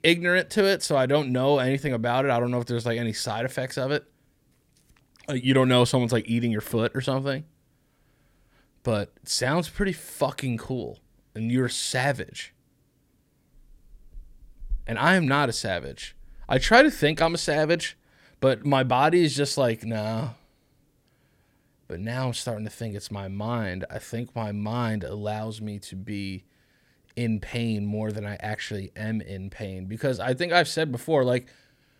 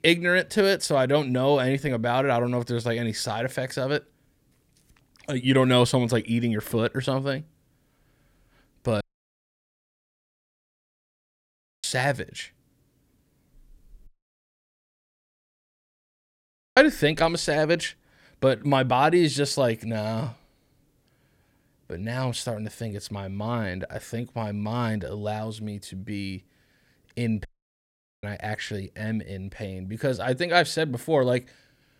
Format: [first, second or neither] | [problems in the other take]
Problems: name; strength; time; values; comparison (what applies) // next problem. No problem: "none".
first | audio cutting out; at 9 s for 3 s, at 14 s for 2.5 s and at 27 s for 1 s